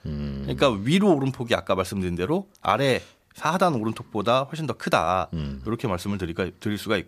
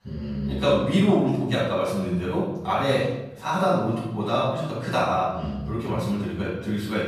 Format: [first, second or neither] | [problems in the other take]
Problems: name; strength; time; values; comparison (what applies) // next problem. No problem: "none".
first | off-mic speech; far // room echo; strong; dies away in 0.9 s